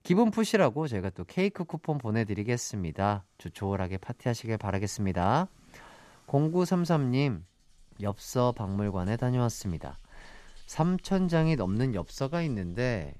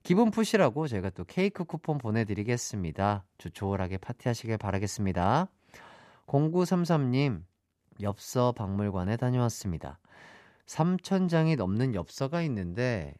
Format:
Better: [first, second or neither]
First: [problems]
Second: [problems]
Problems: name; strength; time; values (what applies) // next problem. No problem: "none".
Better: second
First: rain or running water; faint; throughout; 30 dB below the speech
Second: none